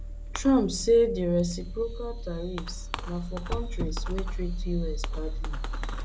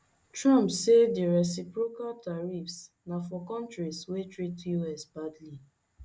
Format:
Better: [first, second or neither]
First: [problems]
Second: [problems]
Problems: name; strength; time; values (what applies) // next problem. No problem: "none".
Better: second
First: background sound (Fireworks); 3 dB below the speech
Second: none